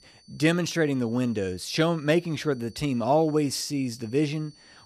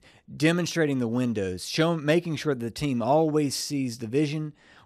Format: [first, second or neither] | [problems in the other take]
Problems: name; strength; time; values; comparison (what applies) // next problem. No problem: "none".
second | high-pitched whine; faint; throughout; 4.5 kHz, 30 dB below the speech